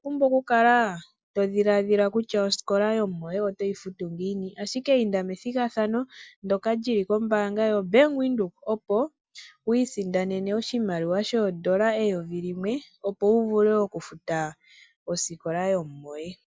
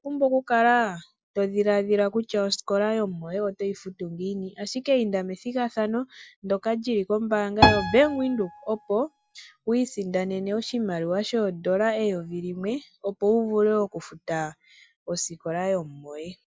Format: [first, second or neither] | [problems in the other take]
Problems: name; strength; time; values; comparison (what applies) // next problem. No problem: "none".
first | background sound (Piano); 2 dB below the speech